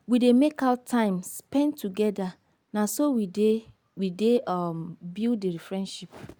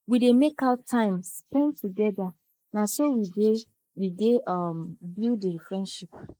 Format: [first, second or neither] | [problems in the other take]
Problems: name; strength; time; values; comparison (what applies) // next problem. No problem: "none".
first | noise reduction (neural mask model Resemble Enhance denoiser)